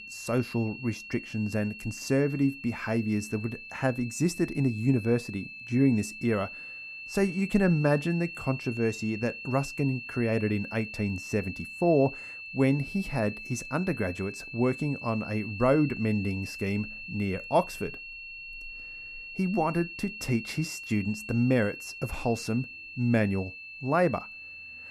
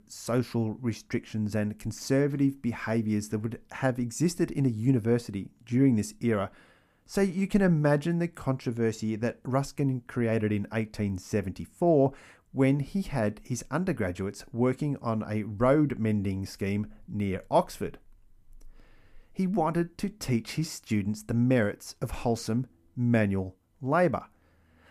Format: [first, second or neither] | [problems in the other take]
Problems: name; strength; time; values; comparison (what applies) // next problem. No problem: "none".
second | high-pitched whine; noticeable; throughout; 2.5 kHz, 10 dB below the speech